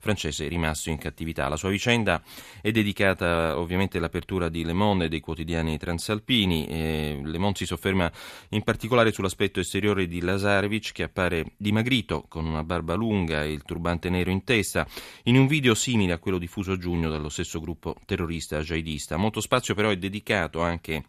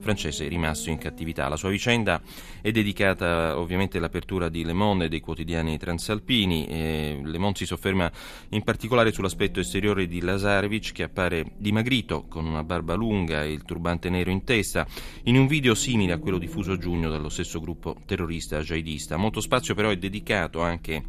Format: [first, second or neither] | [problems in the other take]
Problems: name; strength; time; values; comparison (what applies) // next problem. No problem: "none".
first | low rumble; faint; throughout; 25 dB below the speech